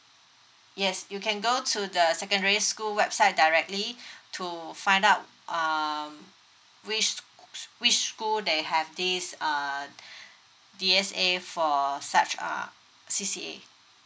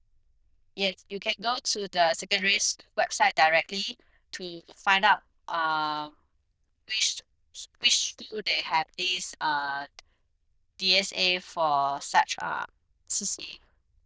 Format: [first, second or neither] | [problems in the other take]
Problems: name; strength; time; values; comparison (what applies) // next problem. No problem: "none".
first | noise reduction (neural diffusion model UNIVERSE++)